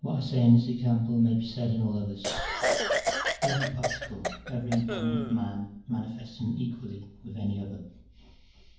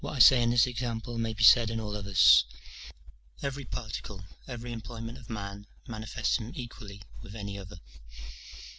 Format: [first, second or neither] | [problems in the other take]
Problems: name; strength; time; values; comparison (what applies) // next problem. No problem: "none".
second | background sound (Cough); 2 dB below the speech // room echo; dies away in 0.9 s